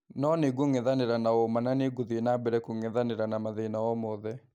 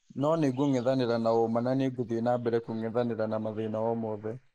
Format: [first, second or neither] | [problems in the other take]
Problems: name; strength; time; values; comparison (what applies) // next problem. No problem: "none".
first | noise reduction (neural mask model Resemble Enhance denoiser)